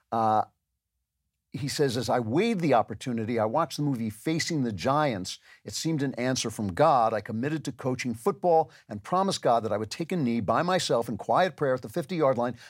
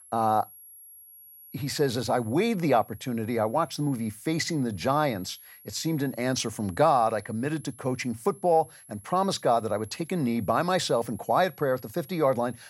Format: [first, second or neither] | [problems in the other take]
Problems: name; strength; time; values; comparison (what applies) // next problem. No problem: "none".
first | high-pitched whine; faint; throughout; 11.5 kHz, 20 dB below the speech